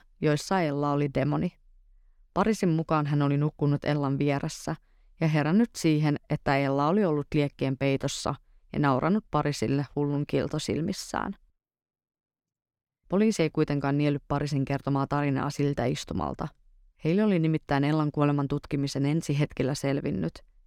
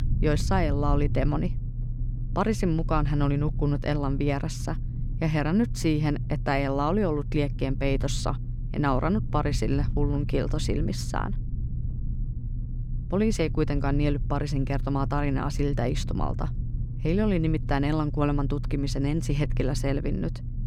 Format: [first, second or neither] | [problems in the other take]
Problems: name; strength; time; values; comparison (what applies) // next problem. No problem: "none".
first | low rumble; noticeable; throughout; 15 dB below the speech